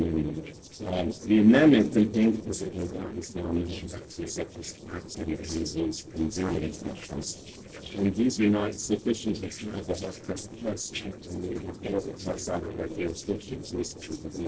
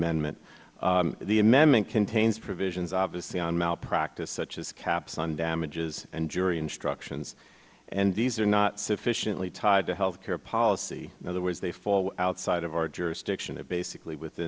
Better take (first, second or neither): second